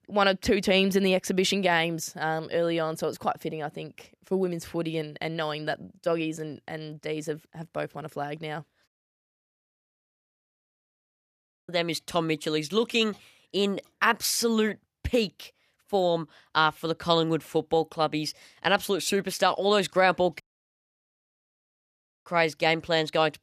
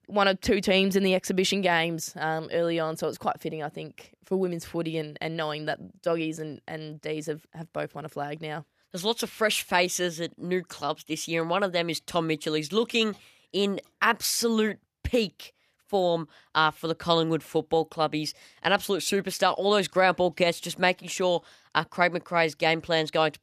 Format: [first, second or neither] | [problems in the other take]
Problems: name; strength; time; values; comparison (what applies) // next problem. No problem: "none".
second | audio cutting out; at 9 s for 3 s and at 20 s for 2 s